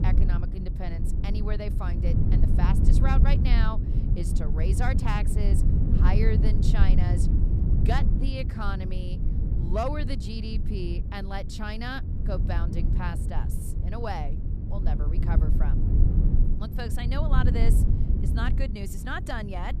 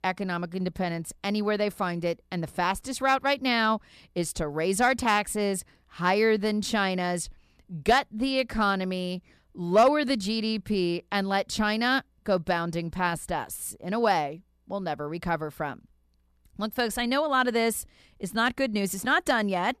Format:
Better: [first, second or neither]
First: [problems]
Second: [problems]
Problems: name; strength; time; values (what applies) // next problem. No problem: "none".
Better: second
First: low rumble; loud; throughout; 5 dB below the speech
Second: none